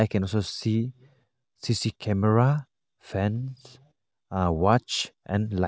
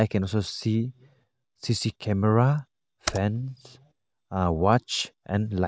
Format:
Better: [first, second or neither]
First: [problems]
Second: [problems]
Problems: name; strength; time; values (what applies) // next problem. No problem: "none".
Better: first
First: none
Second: background sound (Computer keyboard); 12 dB below the speech